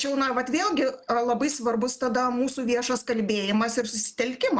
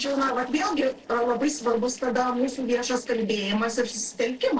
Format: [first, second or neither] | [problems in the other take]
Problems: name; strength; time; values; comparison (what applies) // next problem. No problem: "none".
first | noise reduction (neural separator model SepFormer DNS4)